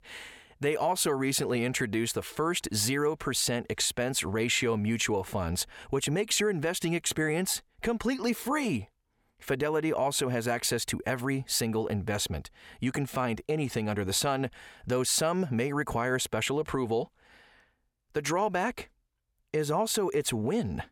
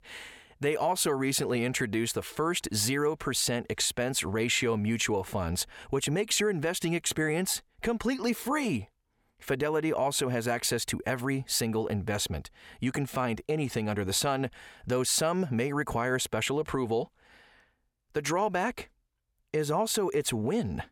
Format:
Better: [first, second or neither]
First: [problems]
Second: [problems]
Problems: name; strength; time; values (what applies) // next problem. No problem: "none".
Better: neither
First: none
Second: none